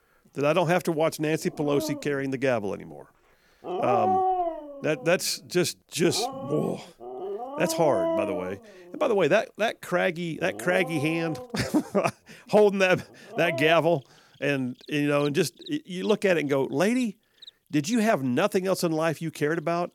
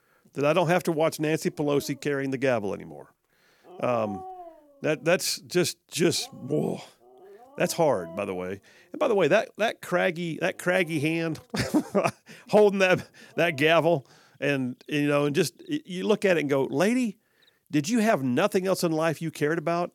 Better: second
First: animal sounds; loud; throughout; 6 dB below the speech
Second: animal sounds; faint; throughout; 20 dB below the speech

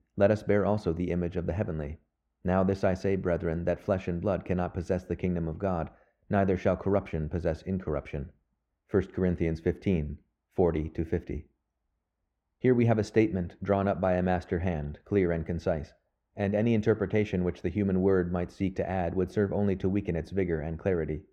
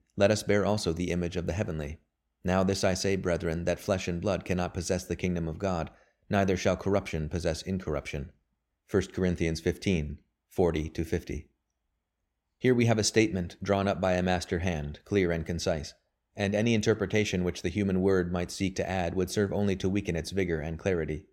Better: second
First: muffled; very; fading above 3 kHz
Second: none

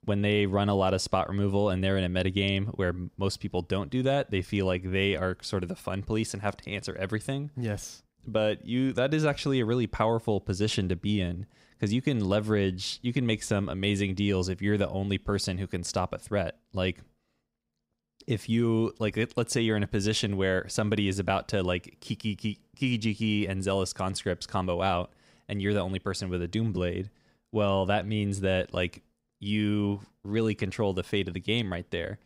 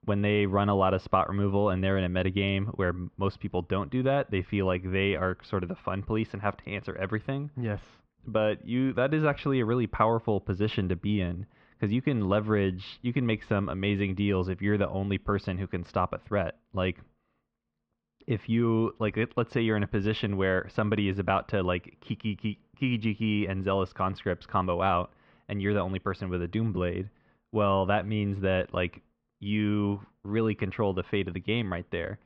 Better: first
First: none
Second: muffled; very; fading above 3 kHz

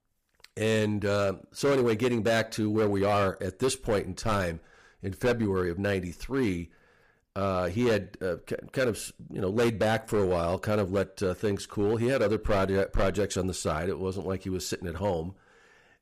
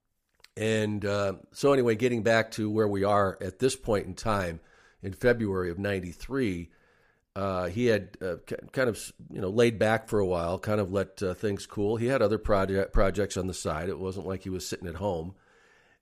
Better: second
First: distortion; slight; 8% of the sound clipped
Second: none

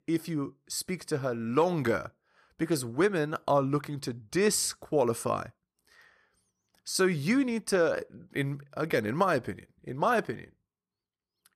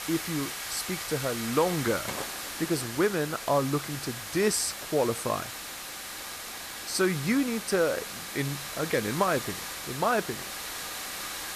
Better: first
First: none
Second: hiss; loud; throughout; 6 dB below the speech

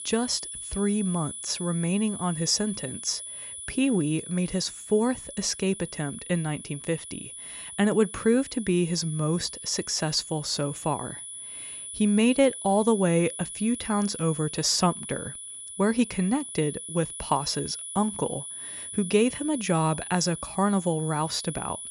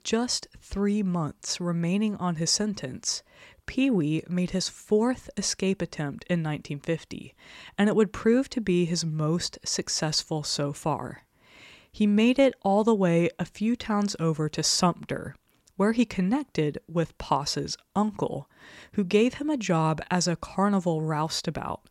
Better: second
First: high-pitched whine; loud; throughout; 10 kHz, 9 dB below the speech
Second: none

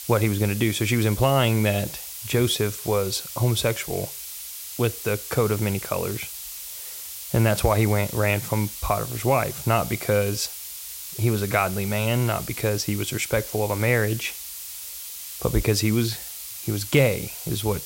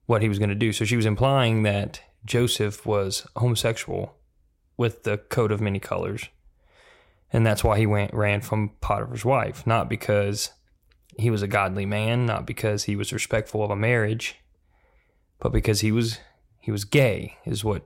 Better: second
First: hiss; loud; throughout; 9 dB below the speech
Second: none

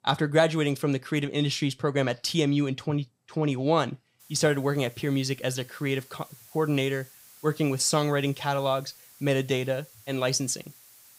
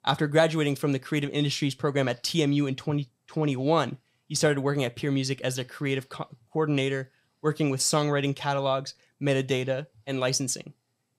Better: second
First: hiss; faint; from 4 s on; 25 dB below the speech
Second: none

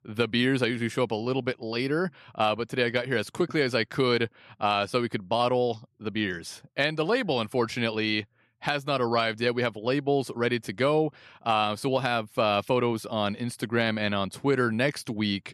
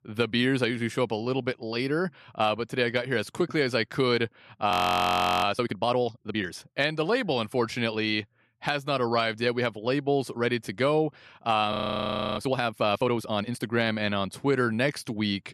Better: first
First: none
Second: audio freezing; at 4.5 s for 0.5 s and at 12 s for 0.5 s

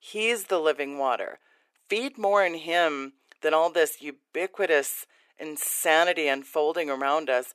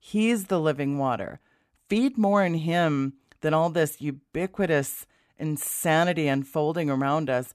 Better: second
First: thin; very; fading below 400 Hz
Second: none

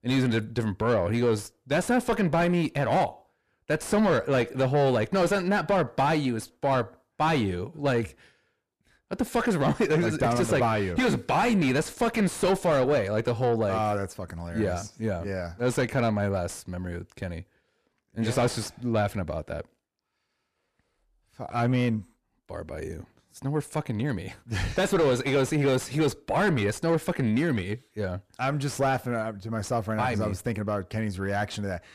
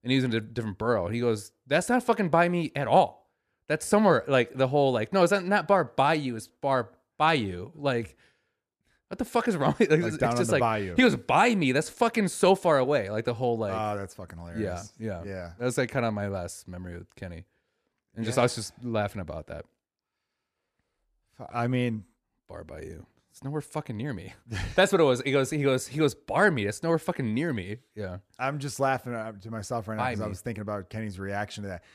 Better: second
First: distortion; heavy; 6 dB below the speech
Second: none

